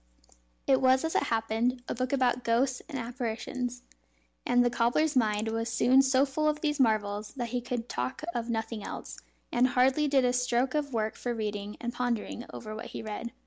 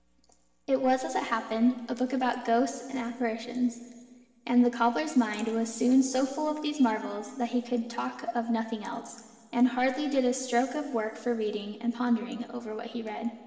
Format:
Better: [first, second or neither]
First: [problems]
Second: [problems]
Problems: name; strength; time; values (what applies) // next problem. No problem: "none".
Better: first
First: none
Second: room echo; dies away in 1.7 s